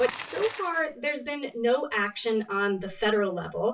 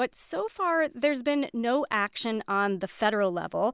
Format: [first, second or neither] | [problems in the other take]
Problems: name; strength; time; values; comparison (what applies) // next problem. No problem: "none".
second | noise reduction (classical method WPE with log-MMSE)